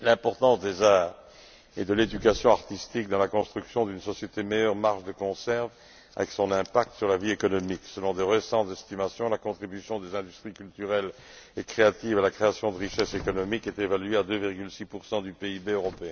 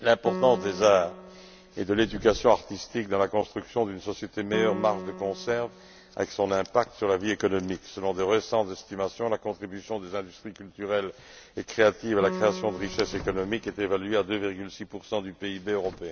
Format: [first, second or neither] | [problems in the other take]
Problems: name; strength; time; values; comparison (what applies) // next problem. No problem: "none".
first | background sound (Piano); 13 dB below the speech